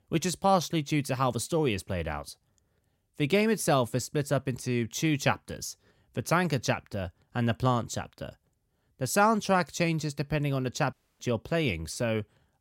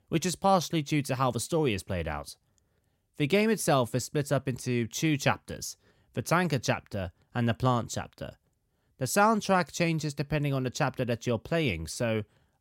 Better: second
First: audio cutting out; at 11 s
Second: none

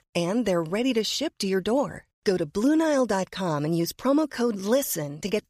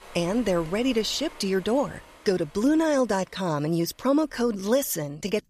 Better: first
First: none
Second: rain or running water; faint; throughout; 20 dB below the speech

